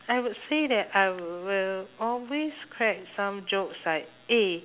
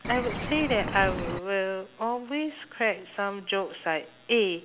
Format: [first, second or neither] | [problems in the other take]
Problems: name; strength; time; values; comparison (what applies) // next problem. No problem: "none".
first | background sound (Bird); 4 dB below the speech